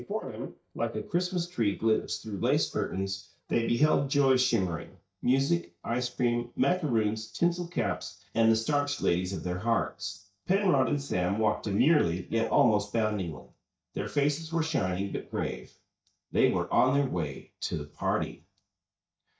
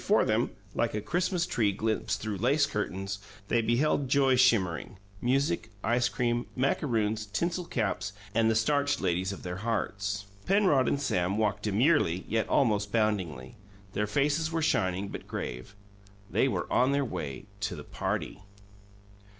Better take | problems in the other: second | noise reduction (neural mask model DeepFilterNet 3)

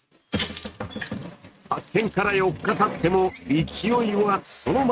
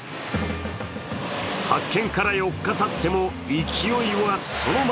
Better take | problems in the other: second | noise reduction (neural mask model RNNoise)

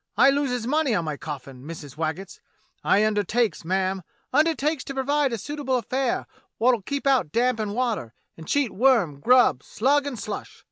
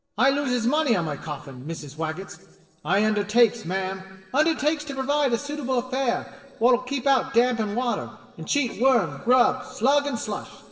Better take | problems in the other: first | noise reduction (neural separator model SepFormer DNS4)

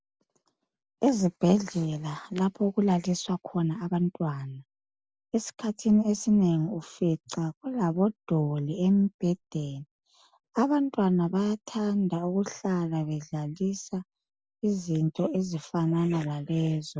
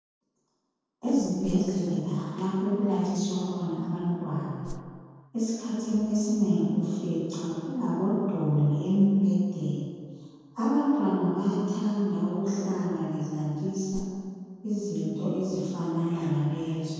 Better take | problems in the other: first | noise reduction (neural separator model SepFormer DNS4)

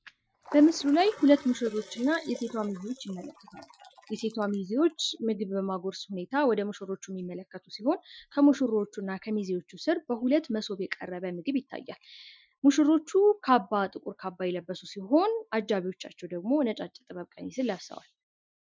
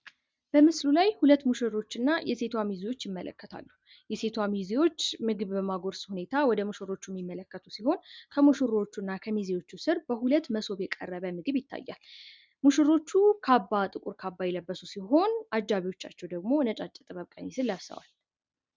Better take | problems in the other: second | noise reduction (classical method Wiener filter)

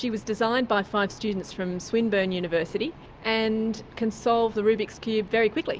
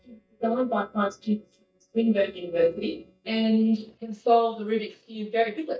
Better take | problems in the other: first | noise reduction (neural mask model DeepFilterNet 3)

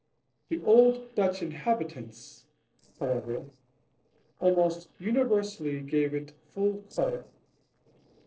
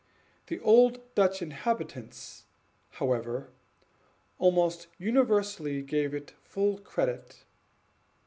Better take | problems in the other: second | noise reduction (neural separator model SepFormer DNS4)

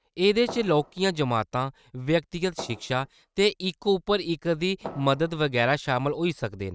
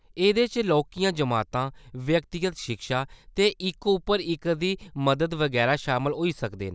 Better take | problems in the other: second | noise reduction (neural mask model RNNoise)

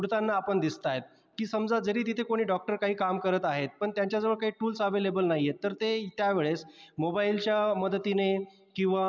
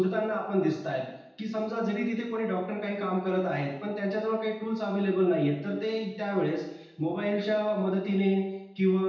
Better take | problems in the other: first | room echo; dies away in 0.9 s

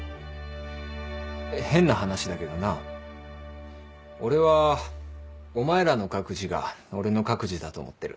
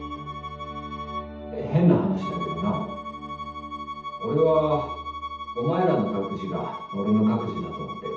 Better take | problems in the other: first | background sound (Bowed string instrument); 10 dB below the speech // room echo; dies away in 0.8 s

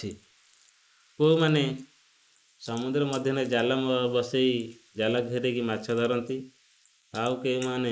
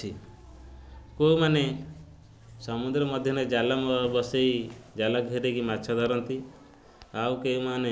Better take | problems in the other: second | noise reduction (neural mask model Resemble Enhance denoiser)

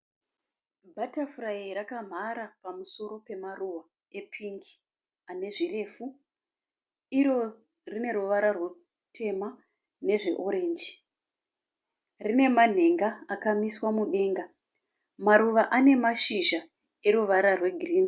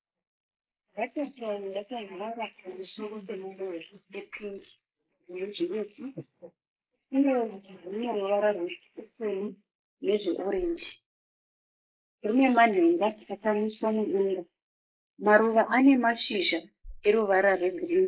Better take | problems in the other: first | noise reduction (neural mask model Resemble Enhance denoiser)

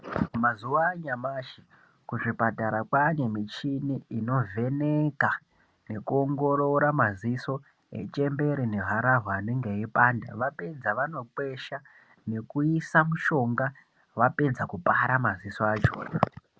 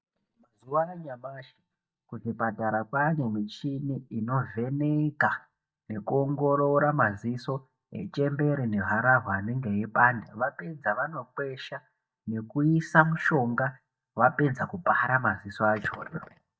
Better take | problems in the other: first | noise reduction (neural mask model DeepFilterNet 3)

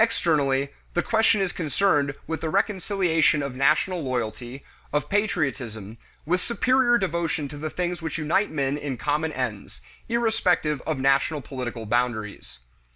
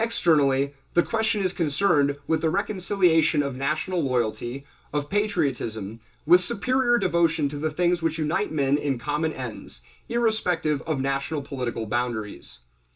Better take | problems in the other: first | room echo; dies away in 0.2 s

